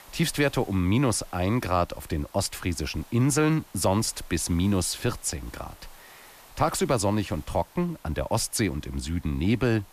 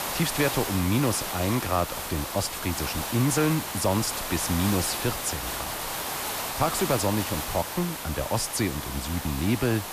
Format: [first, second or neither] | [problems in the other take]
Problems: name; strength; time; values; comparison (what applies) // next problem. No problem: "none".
first | hiss; loud; throughout; 4 dB below the speech; faint in the first